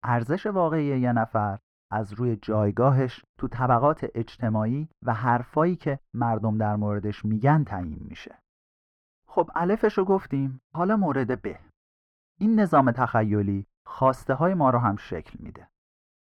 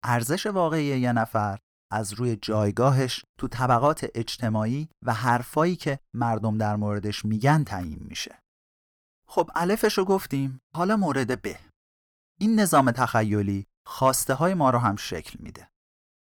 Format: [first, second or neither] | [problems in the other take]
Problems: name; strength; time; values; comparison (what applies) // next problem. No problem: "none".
second | muffled; very; fading above 3.5 kHz